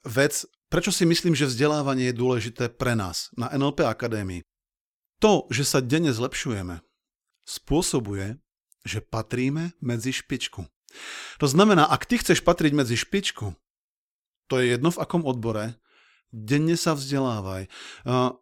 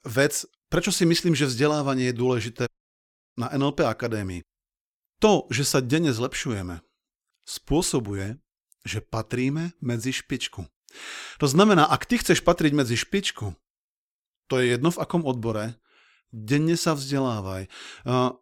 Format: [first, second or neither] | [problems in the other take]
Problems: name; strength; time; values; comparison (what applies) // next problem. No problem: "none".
first | audio cutting out; at 2.5 s for 0.5 s